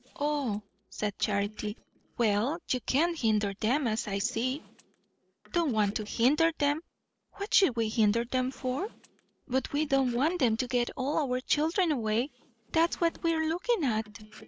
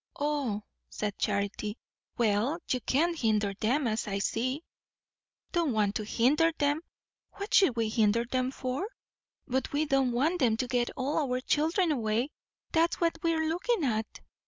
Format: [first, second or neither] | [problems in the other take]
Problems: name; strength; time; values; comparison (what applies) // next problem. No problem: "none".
second | noise reduction (neural separator model SepFormer DNS4)